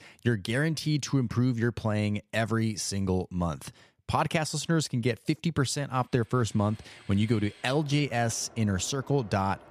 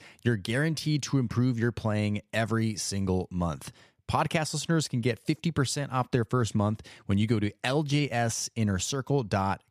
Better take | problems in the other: second | train or aircraft noise; faint; from 6.5 s on; 25 dB below the speech

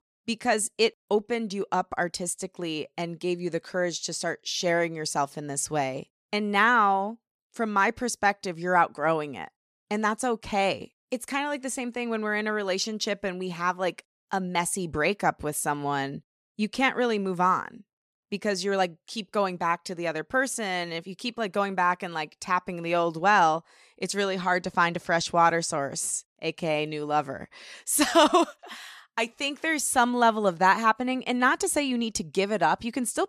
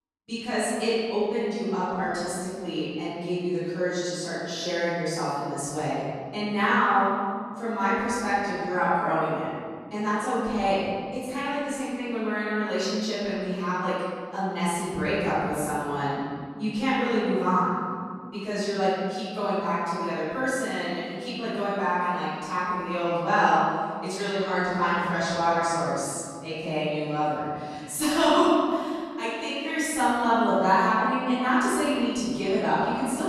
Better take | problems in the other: first | off-mic speech; far // room echo; strong; dies away in 2.3 s

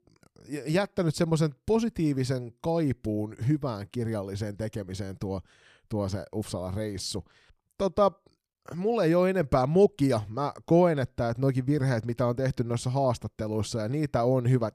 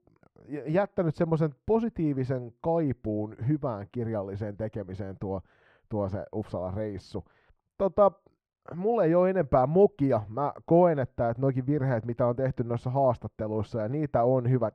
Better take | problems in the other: first | muffled; very; fading above 3.5 kHz

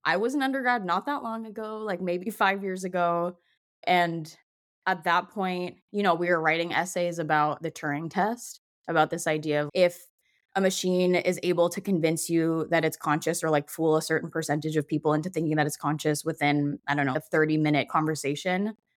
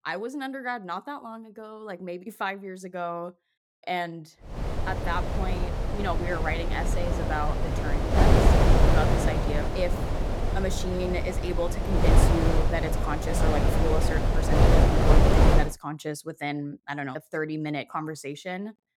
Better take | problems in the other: first | wind noise on the microphone; heavy; from 4.5 to 16 s; 3 dB above the speech

